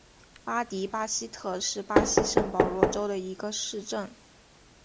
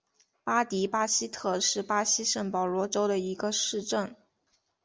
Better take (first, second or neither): second